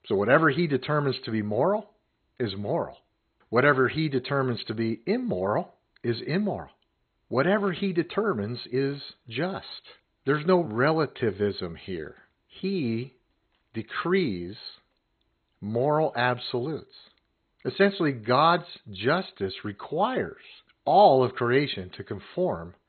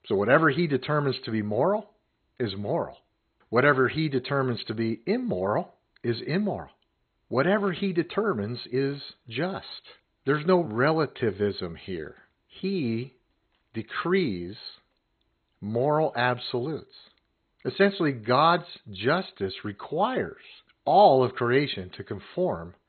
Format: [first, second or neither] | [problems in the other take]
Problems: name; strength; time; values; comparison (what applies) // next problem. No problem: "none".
neither | garbled, watery; badly; nothing above 4 kHz; the same in both